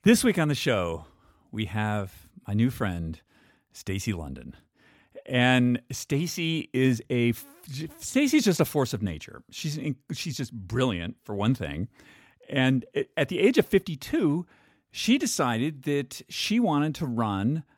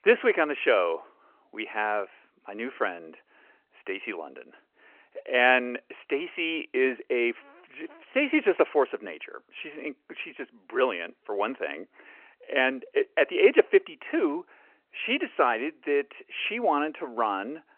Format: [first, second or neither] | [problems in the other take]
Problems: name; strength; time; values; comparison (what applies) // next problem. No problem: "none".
first | phone-call audio; nothing above 3 kHz